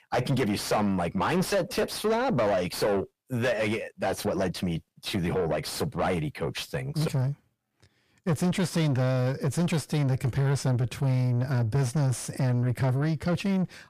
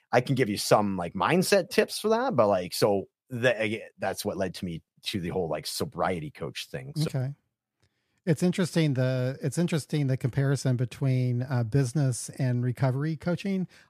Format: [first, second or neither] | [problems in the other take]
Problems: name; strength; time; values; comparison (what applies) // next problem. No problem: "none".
second | distortion; heavy; 6 dB below the speech